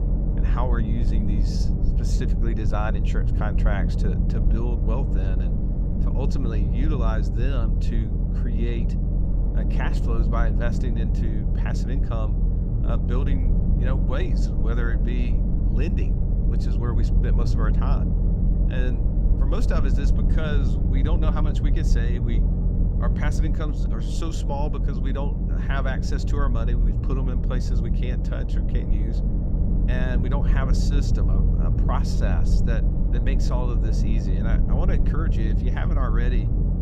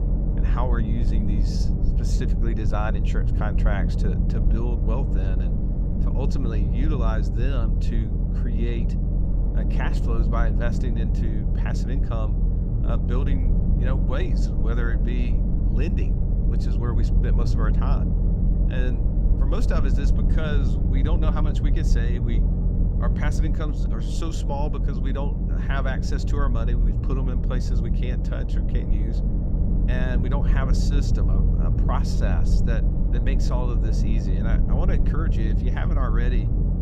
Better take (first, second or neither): neither